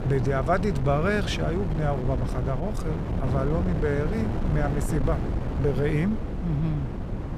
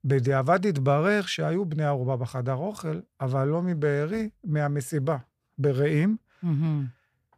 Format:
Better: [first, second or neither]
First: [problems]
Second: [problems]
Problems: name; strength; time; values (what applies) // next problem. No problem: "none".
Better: second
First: wind noise on the microphone; heavy; 7 dB below the speech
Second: none